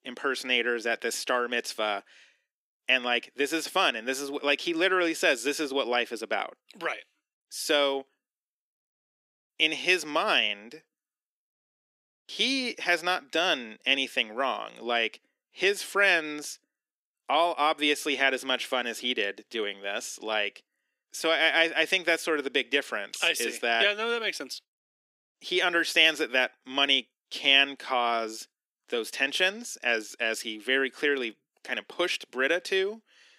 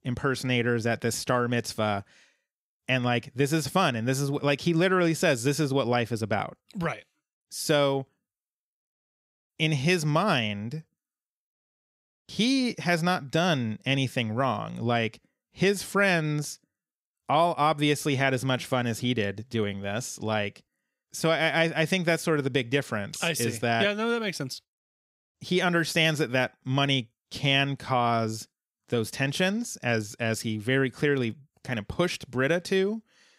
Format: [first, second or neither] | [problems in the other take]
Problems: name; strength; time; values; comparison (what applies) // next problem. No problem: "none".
second | thin; somewhat; fading below 300 Hz